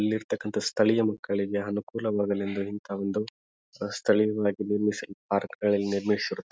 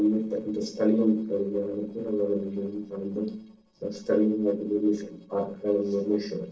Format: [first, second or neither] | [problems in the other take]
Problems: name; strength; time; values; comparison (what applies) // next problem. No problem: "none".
first | noise reduction (neural separator model SepFormer DNS4)